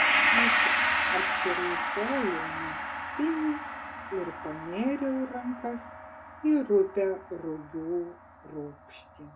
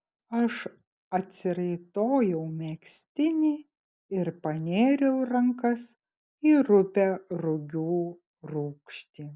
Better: second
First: background sound (Gong); 1 dB above the speech // room echo; dies away in 0.2 s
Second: none

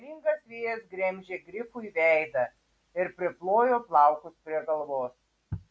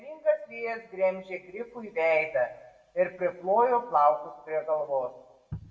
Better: first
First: none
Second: room echo; dies away in 0.6 s

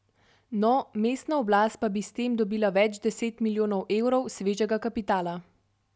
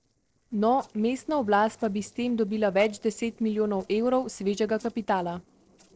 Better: first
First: none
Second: noise reduction (neural separator model SepFormer DNS4)

